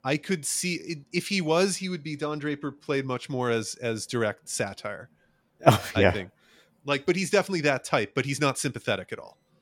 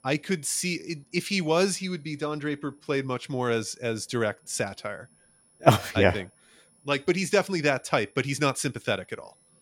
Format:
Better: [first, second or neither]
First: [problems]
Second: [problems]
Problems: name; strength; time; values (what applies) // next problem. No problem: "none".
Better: first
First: none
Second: high-pitched whine; faint; throughout; 10.5 kHz, 35 dB below the speech